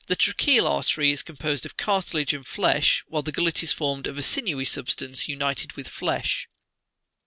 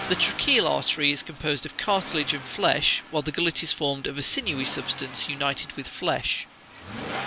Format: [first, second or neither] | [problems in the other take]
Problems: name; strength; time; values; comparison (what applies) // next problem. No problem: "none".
first | background sound (Accelerating, revving, vroom); 12 dB below the speech